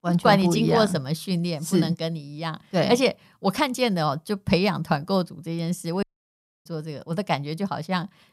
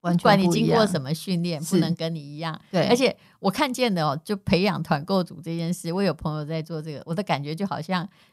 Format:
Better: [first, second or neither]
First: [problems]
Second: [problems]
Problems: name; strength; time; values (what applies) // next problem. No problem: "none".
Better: second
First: audio cutting out; at 6 s for 0.5 s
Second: none